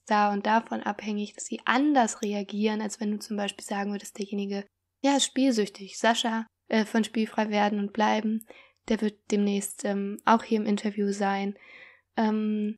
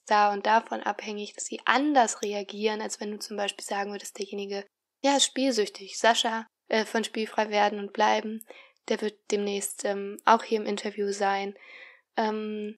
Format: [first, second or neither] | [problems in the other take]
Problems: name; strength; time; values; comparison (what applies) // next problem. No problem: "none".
first | thin; somewhat; fading below 400 Hz